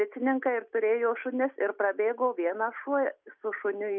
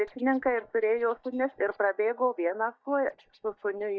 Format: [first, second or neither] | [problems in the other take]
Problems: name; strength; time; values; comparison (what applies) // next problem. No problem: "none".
first | noise reduction (neural mask model DeepFilterNet 3)